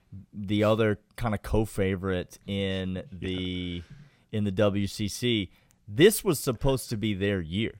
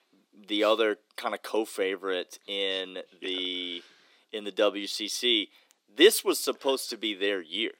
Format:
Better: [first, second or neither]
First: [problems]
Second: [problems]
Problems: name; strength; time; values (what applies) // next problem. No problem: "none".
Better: first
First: none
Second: thin; somewhat; fading below 300 Hz